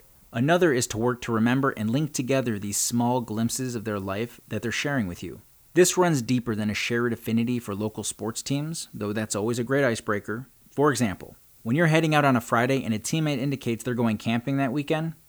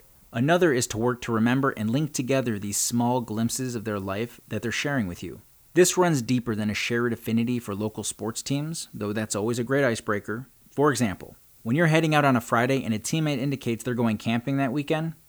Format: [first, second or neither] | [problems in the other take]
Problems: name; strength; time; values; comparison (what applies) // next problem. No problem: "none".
neither | hiss; faint; throughout; 30 dB below the speech; the same in both